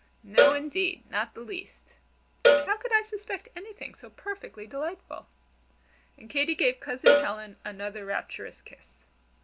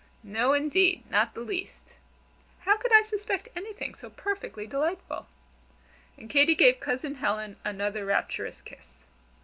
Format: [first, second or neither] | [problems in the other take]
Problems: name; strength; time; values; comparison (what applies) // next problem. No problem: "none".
second | background sound (Cowbell); 5 dB above the speech